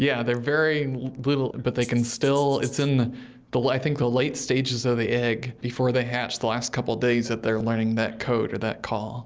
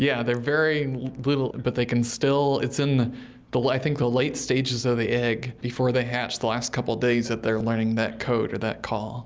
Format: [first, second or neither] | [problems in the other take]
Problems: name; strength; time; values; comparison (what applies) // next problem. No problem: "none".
second | noise reduction (neural separator model SepFormer DNS4)